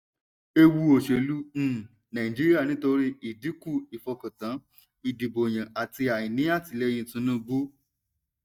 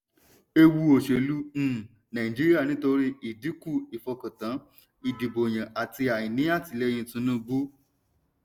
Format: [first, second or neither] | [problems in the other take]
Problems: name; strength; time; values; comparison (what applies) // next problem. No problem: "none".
second | noise reduction (neural mask model DeepFilterNet 3)